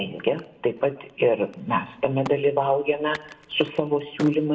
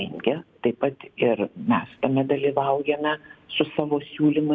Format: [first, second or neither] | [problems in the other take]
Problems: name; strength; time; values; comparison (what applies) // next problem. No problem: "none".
second | background sound (Crack); 18 dB below the speech // room echo; dies away in 0.6 s